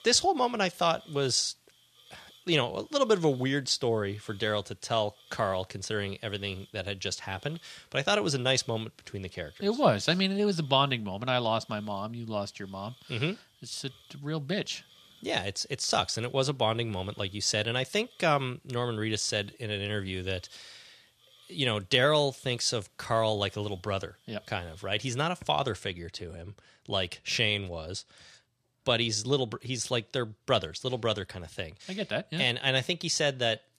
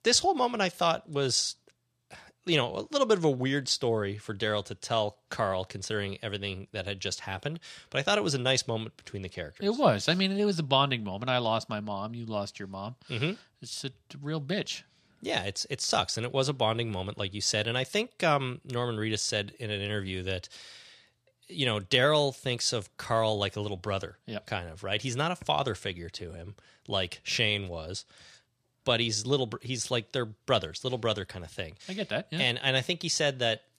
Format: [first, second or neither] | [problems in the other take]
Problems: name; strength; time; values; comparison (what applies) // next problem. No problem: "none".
second | hiss; faint; until 26 s; 30 dB below the speech